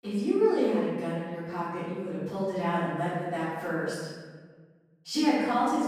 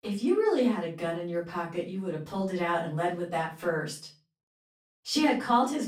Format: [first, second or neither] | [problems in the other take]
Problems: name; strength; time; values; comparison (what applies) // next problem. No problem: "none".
second | room echo; strong; dies away in 1.4 s; slight in the second // off-mic speech; far; far in the second